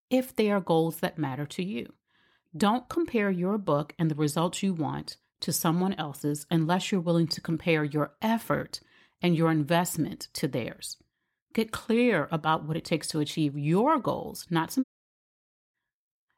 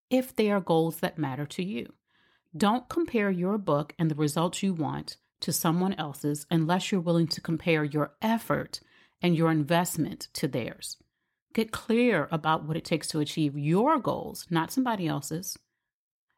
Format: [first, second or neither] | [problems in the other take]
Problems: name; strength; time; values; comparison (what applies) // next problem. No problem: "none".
second | audio cutting out; at 15 s for 1 s